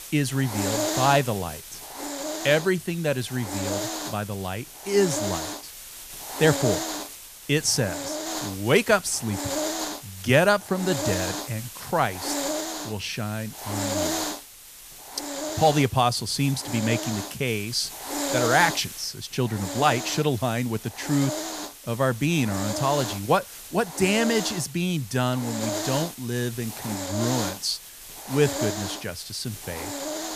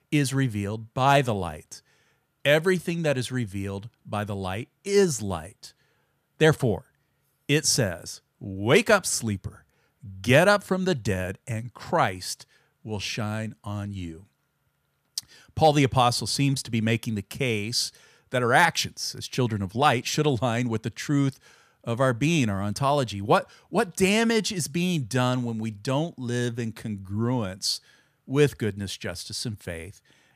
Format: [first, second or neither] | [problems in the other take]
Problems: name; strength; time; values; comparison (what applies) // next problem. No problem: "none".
second | hiss; loud; throughout; 6 dB below the speech